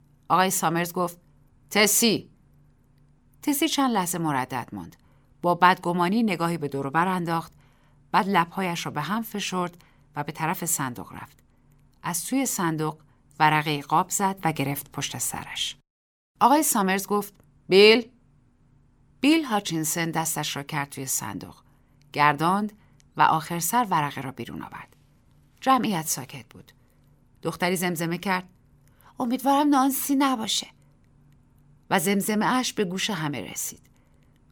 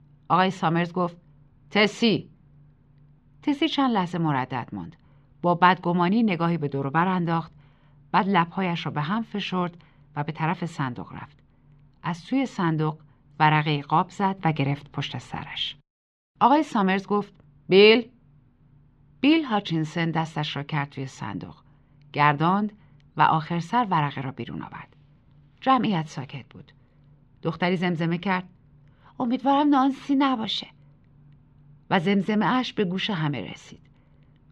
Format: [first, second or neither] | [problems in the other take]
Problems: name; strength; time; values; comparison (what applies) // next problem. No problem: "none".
first | muffled; slightly; fading above 3.5 kHz